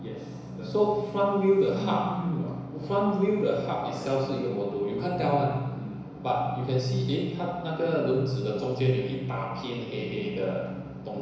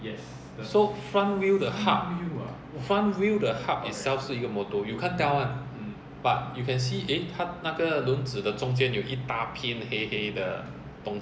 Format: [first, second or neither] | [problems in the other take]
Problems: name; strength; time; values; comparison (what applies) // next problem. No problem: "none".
second | room echo; dies away in 1 s